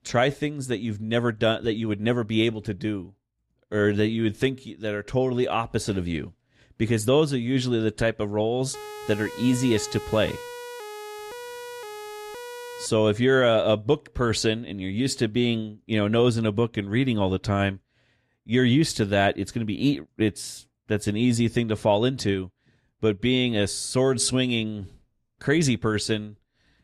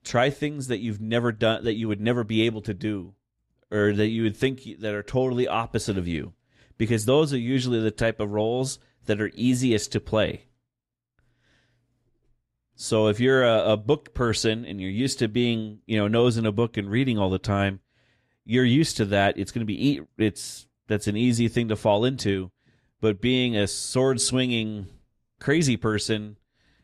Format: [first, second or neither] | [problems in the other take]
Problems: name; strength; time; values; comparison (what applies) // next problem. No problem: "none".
second | siren; faint; from 8.5 to 13 s; peak 15 dB below the speech